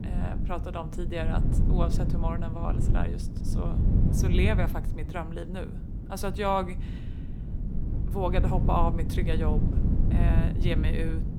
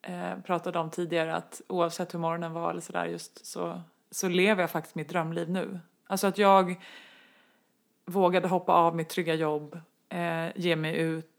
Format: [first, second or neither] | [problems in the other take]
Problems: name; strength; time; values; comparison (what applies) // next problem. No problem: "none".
second | low rumble; loud; throughout; 7 dB below the speech